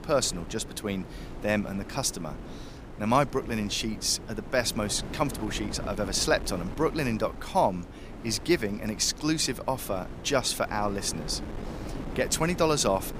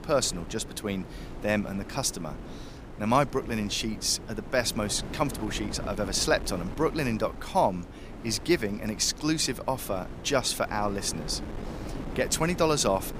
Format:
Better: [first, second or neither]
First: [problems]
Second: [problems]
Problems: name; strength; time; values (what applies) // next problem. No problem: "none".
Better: neither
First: wind noise on the microphone; occasional gusts; 15 dB below the speech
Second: wind noise on the microphone; occasional gusts; 15 dB below the speech